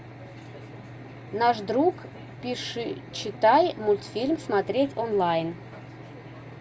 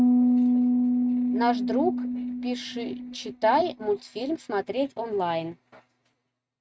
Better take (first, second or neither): first